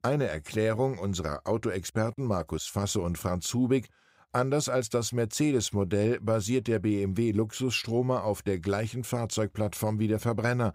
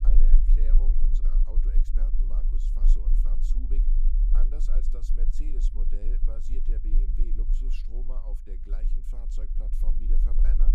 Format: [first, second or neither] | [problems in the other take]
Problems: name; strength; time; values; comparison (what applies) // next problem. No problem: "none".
first | low rumble; loud; throughout; 2 dB below the speech